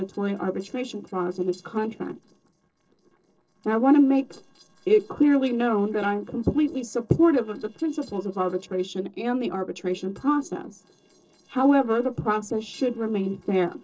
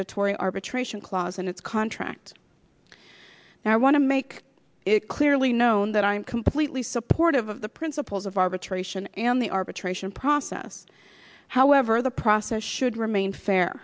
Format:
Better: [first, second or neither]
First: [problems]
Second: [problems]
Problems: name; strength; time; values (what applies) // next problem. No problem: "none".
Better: second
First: noise reduction (neural separator model SepFormer DNS4)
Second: none